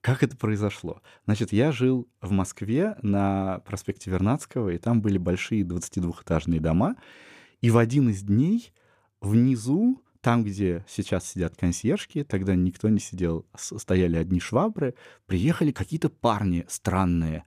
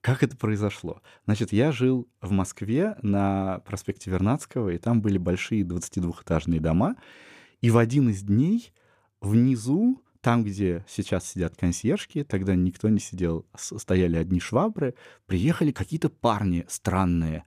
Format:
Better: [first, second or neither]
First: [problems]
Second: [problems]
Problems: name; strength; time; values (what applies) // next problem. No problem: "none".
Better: neither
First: none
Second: none